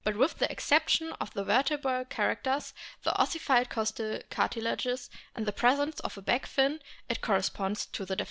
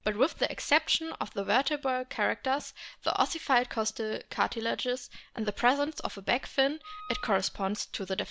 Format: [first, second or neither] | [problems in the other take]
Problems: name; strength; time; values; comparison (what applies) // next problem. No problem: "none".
first | background sound (Wind instrument, woodwind instrument); 16 dB below the speech